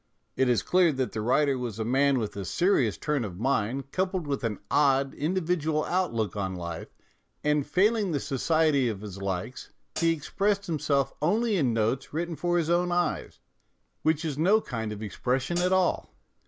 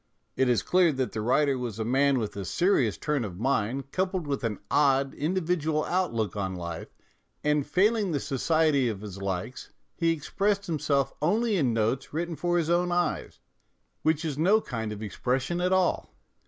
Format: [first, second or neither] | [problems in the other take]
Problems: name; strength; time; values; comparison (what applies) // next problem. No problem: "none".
second | background sound (Hi-hat); 12 dB below the speech